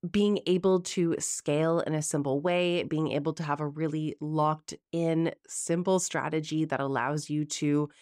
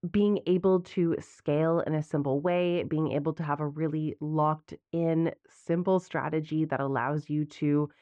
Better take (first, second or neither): first